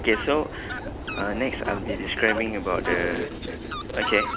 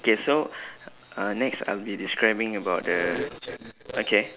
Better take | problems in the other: second | background sound (Fowl); 5 dB below the speech

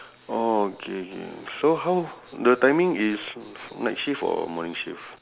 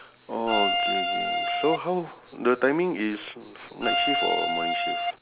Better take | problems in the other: first | background sound (Bowed string instrument); 3 dB above the speech

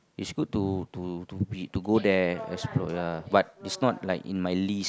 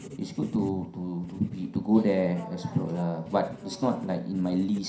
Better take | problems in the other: first | background sound (Writing); 17 dB below the speech // room echo; dies away in 0.5 s

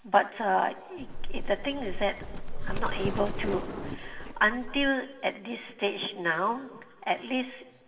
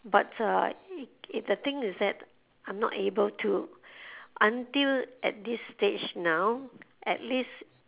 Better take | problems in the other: second | background sound (Livestock, farm animals, working animals); 1 dB below the speech // room echo; dies away in 2.1 s

